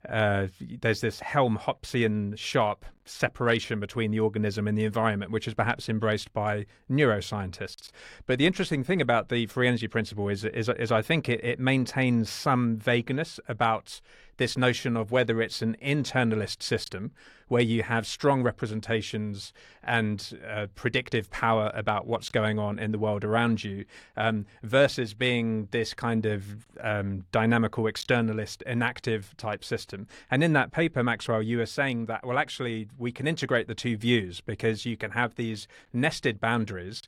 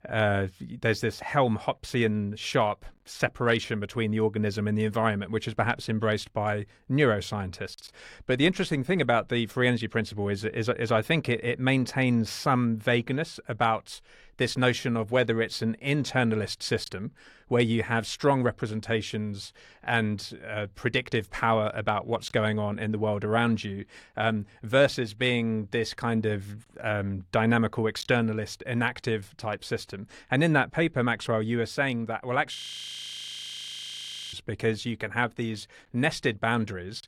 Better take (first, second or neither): first